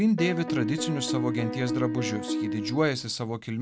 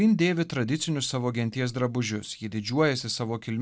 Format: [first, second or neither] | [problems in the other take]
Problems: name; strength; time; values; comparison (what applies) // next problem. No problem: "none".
second | background sound (Piano); 3 dB below the speech